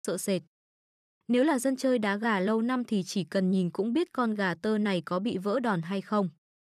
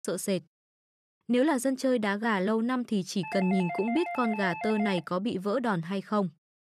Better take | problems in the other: first | doorbell; noticeable; from 3 to 5 s; peak 6 dB below the speech

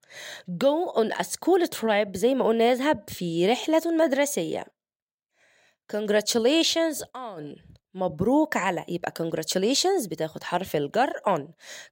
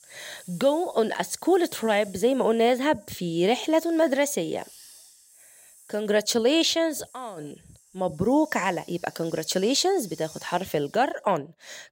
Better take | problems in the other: first | hiss; faint; throughout; 25 dB below the speech

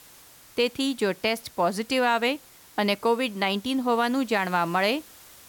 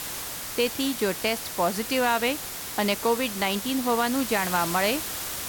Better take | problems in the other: first | hiss; loud; throughout; 5 dB below the speech; faint in the first

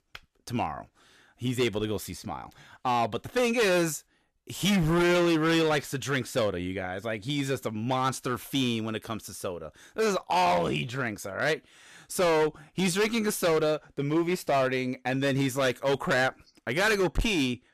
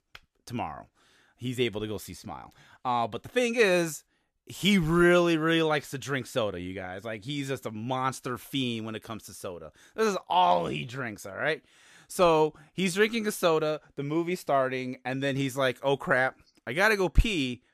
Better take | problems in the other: second | distortion; heavy; 11% of the sound clipped

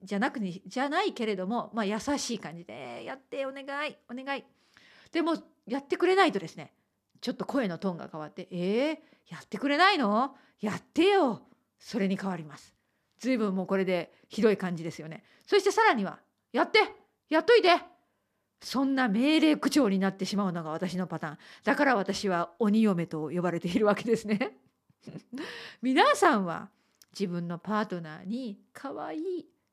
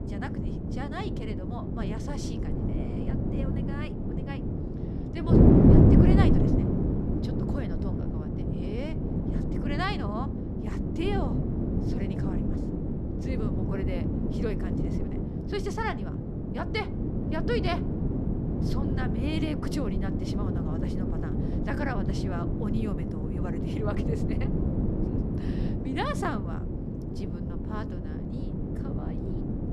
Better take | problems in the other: first | wind noise on the microphone; heavy; 2 dB above the speech

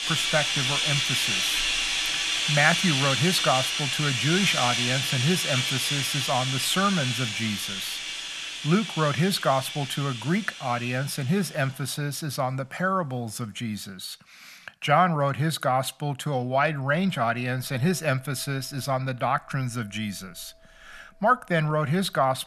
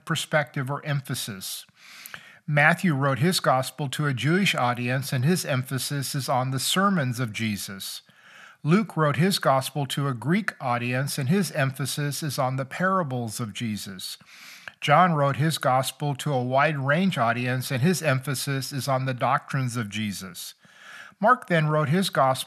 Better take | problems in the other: second | household noises; very loud; throughout; 1 dB above the speech

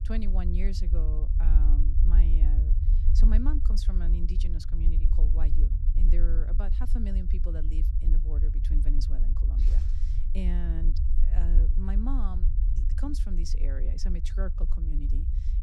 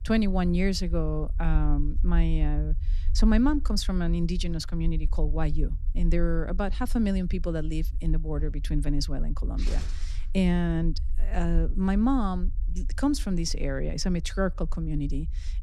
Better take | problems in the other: second | low rumble; loud; throughout; 4 dB below the speech; faint in the second

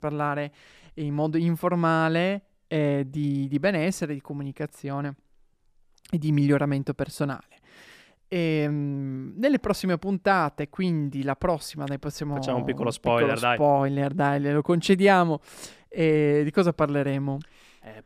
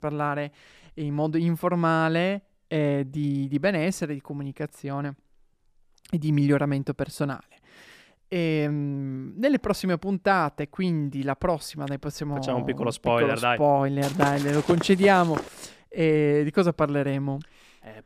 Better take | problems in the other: first | footsteps; noticeable; from 14 to 15 s; peak 5 dB below the speech

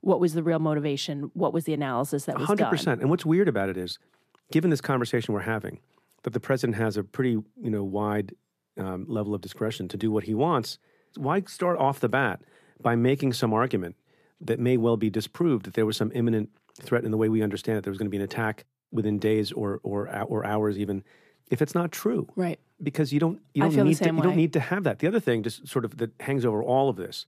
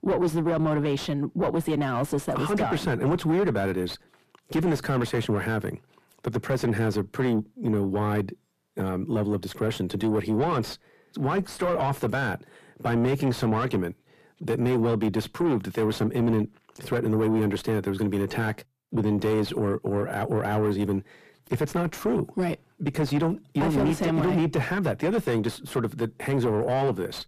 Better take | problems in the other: first | distortion; heavy; 7 dB below the speech

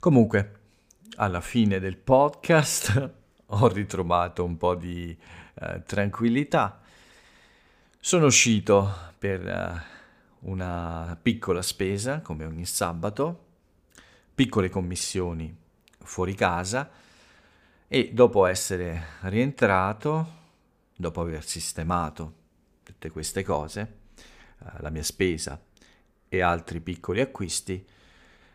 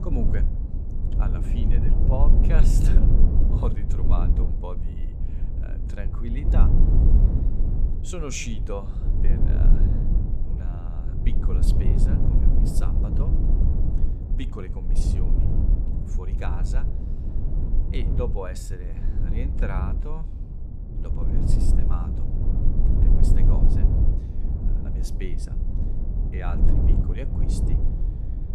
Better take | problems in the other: first | low rumble; loud; throughout; 1 dB below the speech

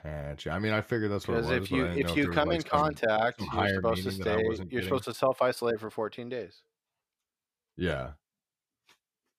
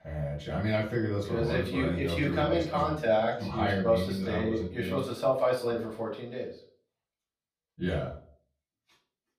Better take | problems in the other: first | off-mic speech; far // room echo; slight; dies away in 0.4 s

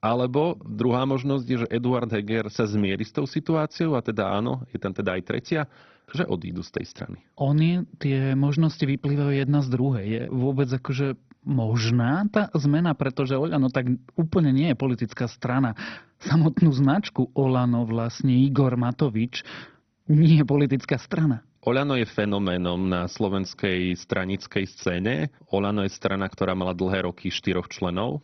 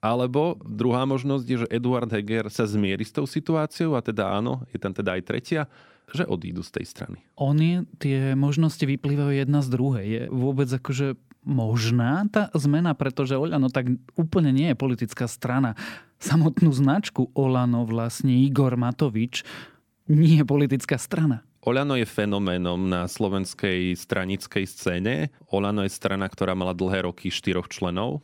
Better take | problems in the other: second | garbled, watery; badly; nothing above 6 kHz

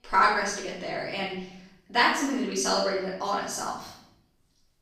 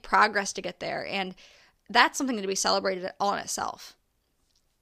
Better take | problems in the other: second | off-mic speech; far // room echo; noticeable; dies away in 0.8 s

